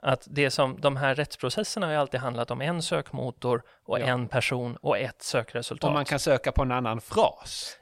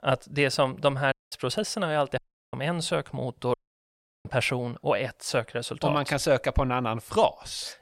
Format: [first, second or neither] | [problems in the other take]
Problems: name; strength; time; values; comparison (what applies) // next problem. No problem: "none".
first | audio cutting out; at 1 s, at 2 s and at 3.5 s for 0.5 s